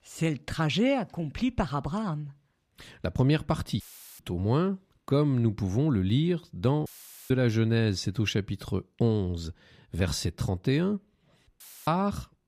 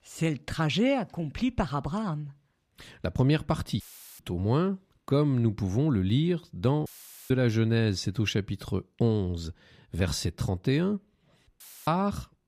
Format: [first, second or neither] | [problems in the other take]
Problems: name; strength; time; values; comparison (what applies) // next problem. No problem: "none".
neither | audio cutting out; filled with static; at 4 s, at 7 s and at 12 s; the same in both